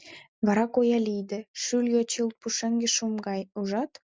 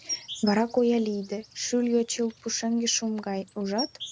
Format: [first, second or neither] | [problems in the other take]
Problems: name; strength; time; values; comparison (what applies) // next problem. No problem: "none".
first | background sound (Insect); 15 dB below the speech